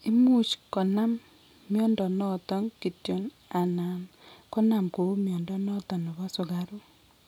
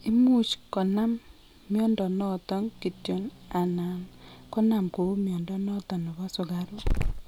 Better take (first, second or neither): first